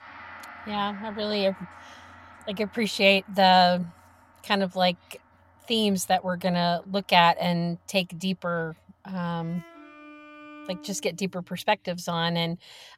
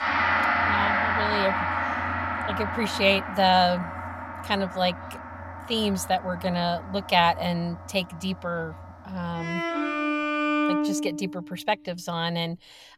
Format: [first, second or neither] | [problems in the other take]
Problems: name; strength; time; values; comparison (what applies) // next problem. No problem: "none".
first | background music; loud; throughout; 1 dB below the speech; faint in the first